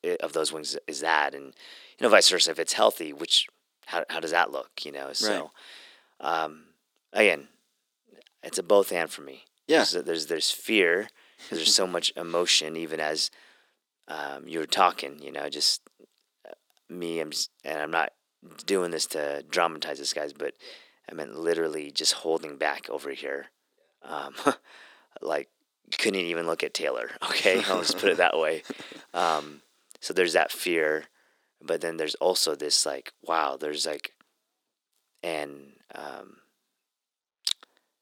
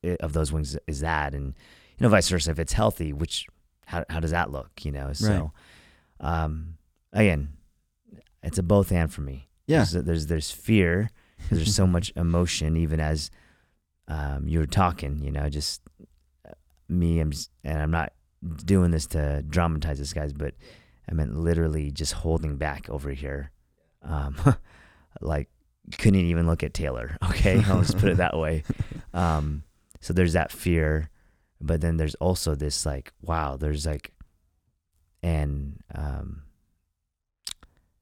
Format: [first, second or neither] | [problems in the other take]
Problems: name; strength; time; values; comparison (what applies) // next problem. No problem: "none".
second | thin; very; fading below 350 Hz